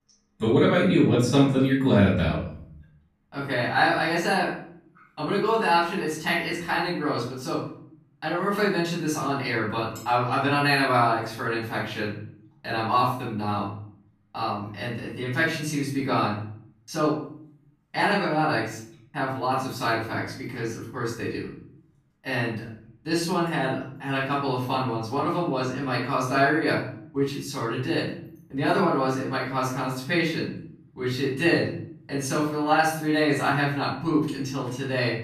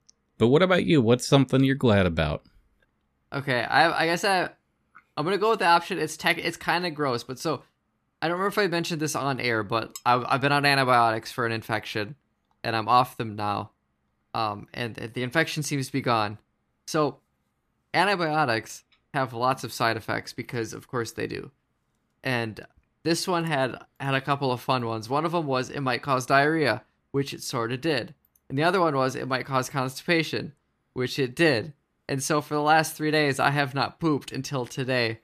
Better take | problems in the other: second | off-mic speech; far // room echo; noticeable; dies away in 0.6 s

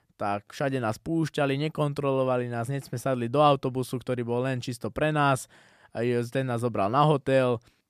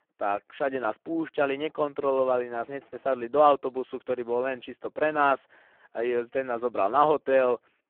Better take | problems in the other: first | phone-call audio; poor line

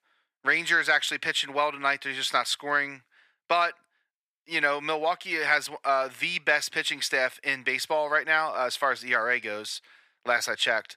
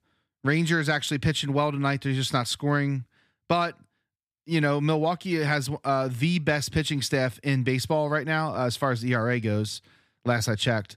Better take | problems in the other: second | thin; very; fading below 650 Hz

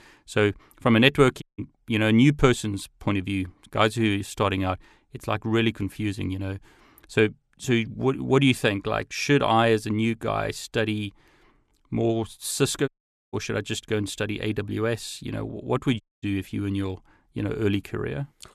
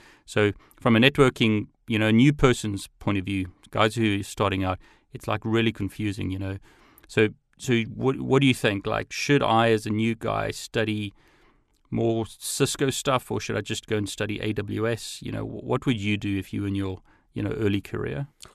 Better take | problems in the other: second | audio cutting out; at 1.5 s, at 13 s and at 16 s

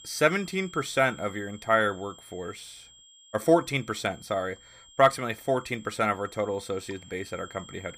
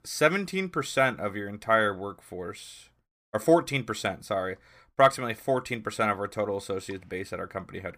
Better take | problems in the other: second | high-pitched whine; faint; throughout; 3 kHz, 20 dB below the speech

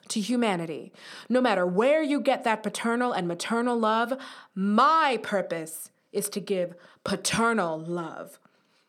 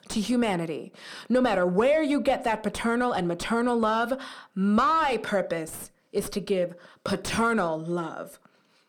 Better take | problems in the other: first | distortion; slight; 10 dB below the speech

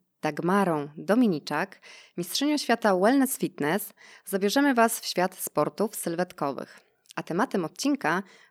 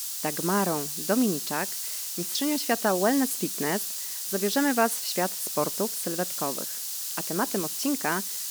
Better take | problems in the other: first | hiss; loud; throughout; 1 dB below the speech

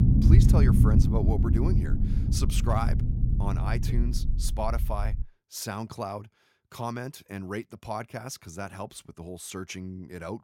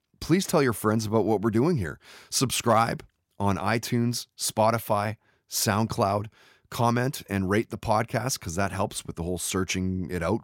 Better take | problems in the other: second | low rumble; loud; until 5 s; 1 dB below the speech

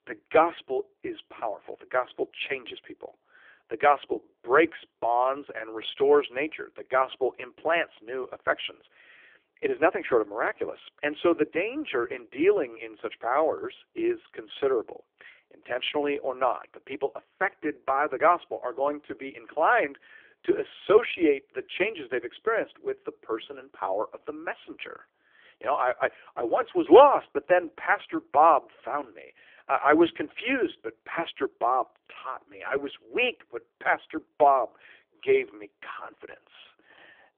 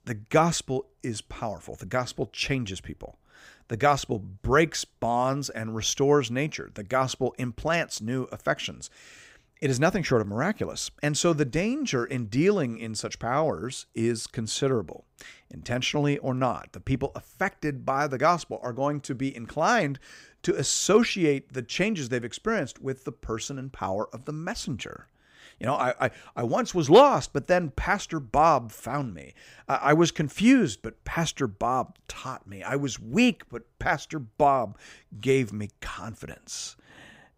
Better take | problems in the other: second | phone-call audio; poor line; nothing above 3.5 kHz

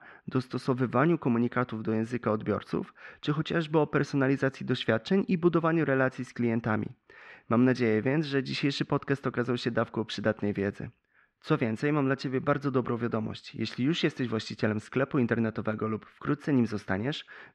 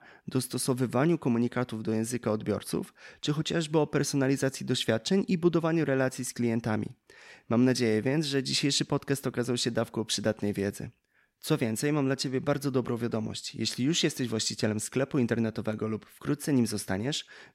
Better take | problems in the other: second | muffled; slightly; fading above 2.5 kHz

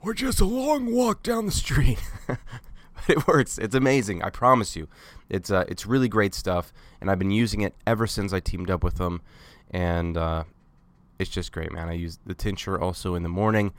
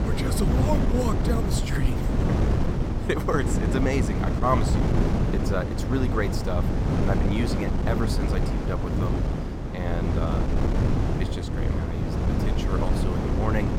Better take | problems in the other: first | wind noise on the microphone; heavy; 1 dB below the speech

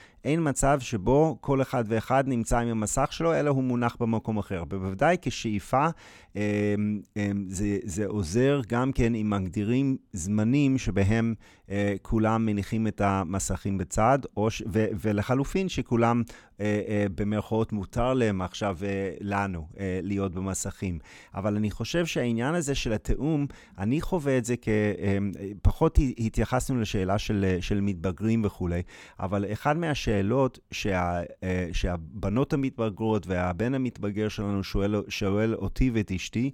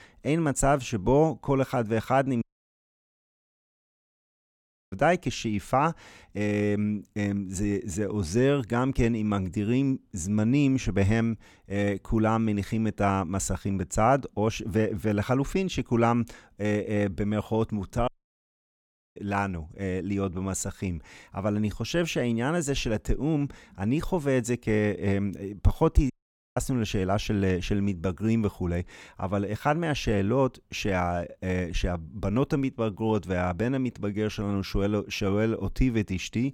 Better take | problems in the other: first | audio cutting out; at 2.5 s for 2.5 s, at 18 s for 1 s and at 26 s

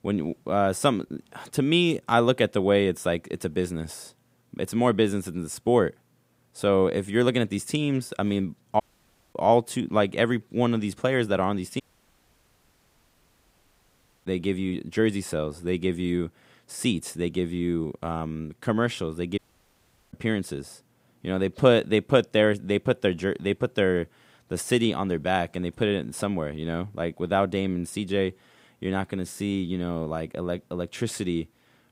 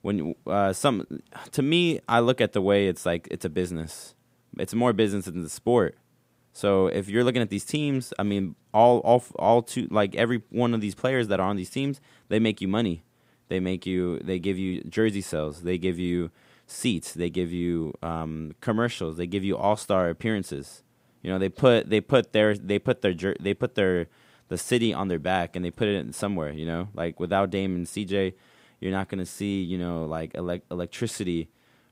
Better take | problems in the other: second | audio cutting out; at 9 s for 0.5 s, at 12 s for 2.5 s and at 19 s for 0.5 s

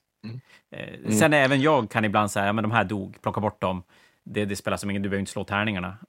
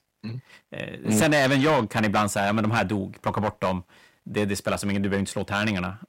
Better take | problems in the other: first | distortion; heavy; 6% of the sound clipped

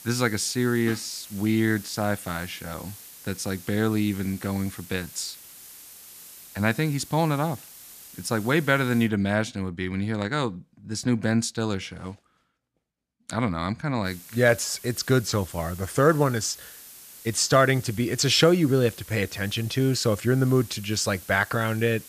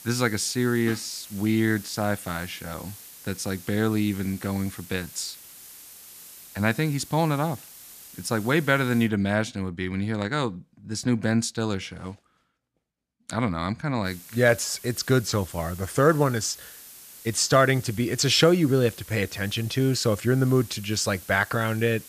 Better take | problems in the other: neither | hiss; noticeable; until 9 s and from 14 s on; 20 dB below the speech; the same in both

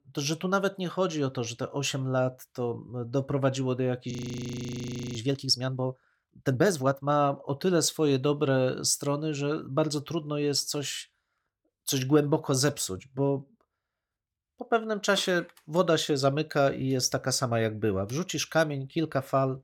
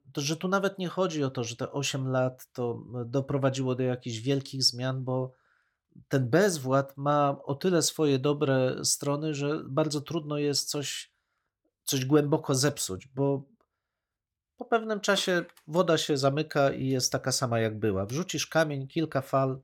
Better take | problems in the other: second | audio freezing; at 4 s for 1 s

